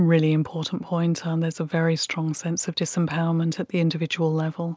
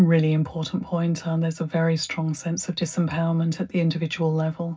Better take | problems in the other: first | room echo; dies away in 0.4 s

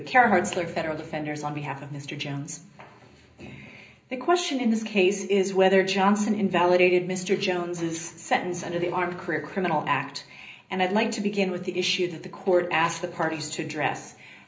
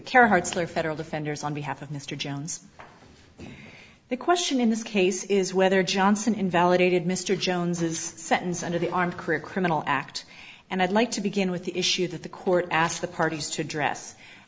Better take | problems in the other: second | room echo; dies away in 0.5 s

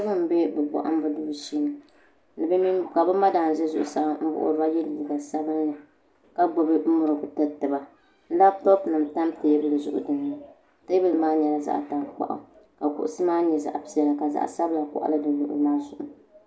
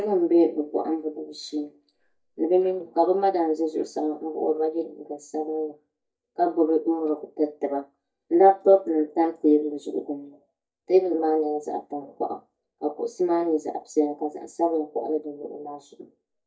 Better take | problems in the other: first | noise reduction (neural mask model DeepFilterNet 3)

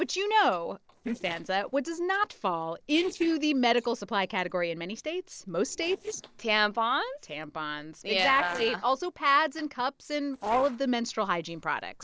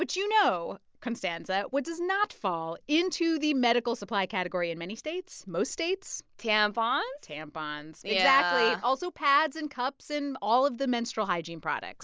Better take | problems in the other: second | noise reduction (neural separator model SepFormer DNS4)

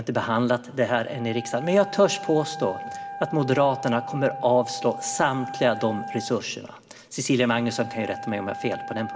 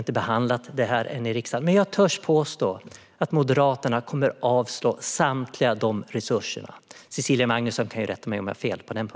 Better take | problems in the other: second | background sound (Wind instrument, woodwind instrument); 12 dB below the speech // room echo; dies away in 1.1 s

